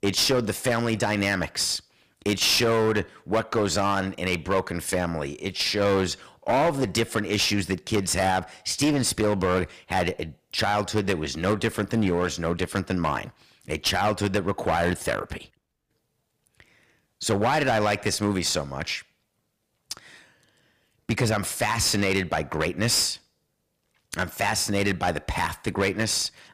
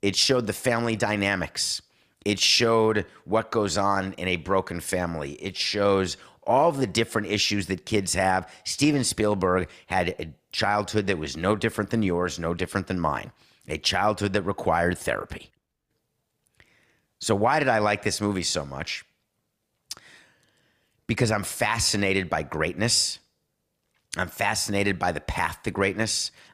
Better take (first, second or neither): second